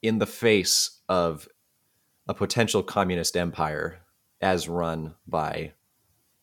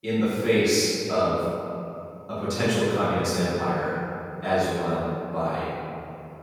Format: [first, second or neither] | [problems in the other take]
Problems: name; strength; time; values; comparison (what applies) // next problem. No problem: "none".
first | off-mic speech; far // room echo; strong; dies away in 2.5 s